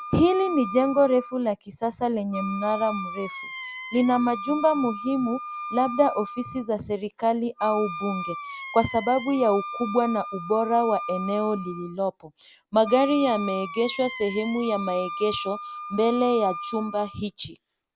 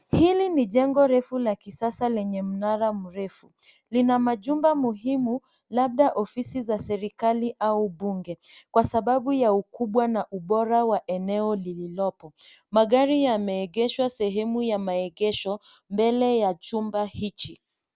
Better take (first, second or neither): second